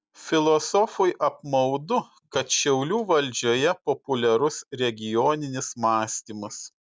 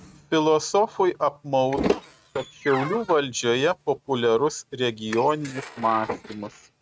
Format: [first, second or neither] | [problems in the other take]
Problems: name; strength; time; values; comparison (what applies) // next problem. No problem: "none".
first | noise reduction (neural mask model RNNoise)